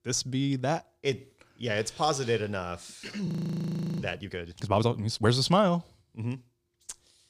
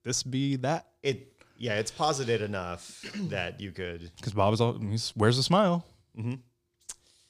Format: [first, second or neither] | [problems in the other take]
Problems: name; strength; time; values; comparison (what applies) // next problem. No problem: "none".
second | audio freezing; at 3.5 s for 0.5 s